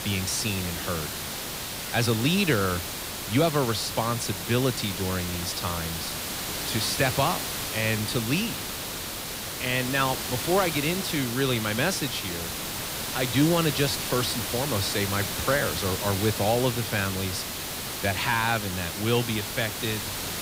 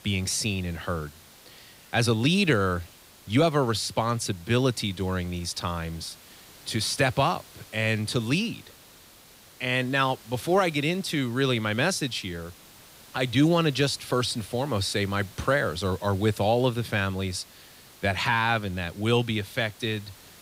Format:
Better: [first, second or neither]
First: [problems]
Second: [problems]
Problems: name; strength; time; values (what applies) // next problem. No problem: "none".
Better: second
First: hiss; loud; throughout; 3 dB below the speech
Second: hiss; faint; throughout; 20 dB below the speech